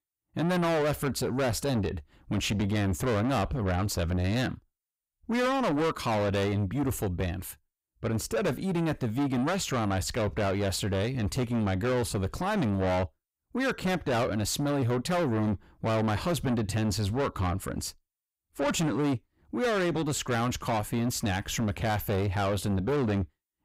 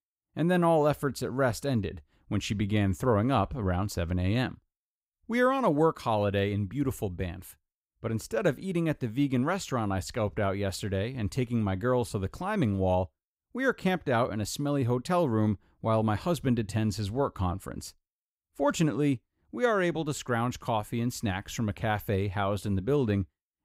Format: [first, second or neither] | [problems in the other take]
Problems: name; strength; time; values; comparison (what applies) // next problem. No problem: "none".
second | distortion; heavy; 7 dB below the speech